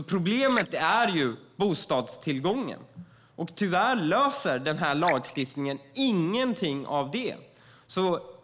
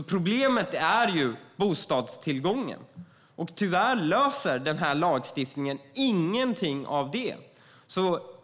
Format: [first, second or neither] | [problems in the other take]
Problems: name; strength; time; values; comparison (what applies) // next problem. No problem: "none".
second | noise reduction (neural mask model Resemble Enhance denoiser)